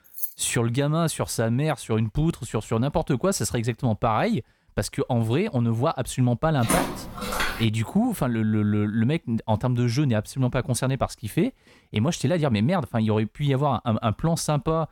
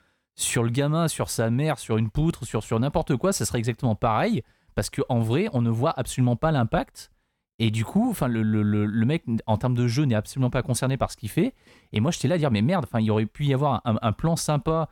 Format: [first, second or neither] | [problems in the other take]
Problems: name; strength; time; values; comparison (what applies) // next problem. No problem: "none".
second | jangling keys; noticeable; at the start; peak 5 dB below the speech // footsteps; noticeable; from 6.5 to 7.5 s; peak 1 dB below the speech